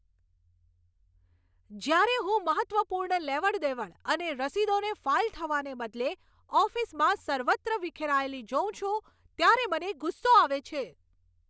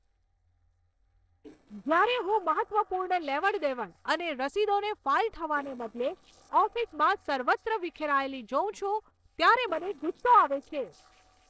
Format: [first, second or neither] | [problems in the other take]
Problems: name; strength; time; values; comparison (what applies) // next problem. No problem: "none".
first | noise reduction (neural separator model SepFormer DNS4)